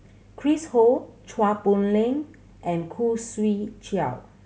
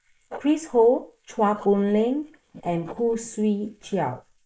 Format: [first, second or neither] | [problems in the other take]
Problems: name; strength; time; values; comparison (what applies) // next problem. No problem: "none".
first | noise reduction (neural mask model Resemble Enhance denoiser)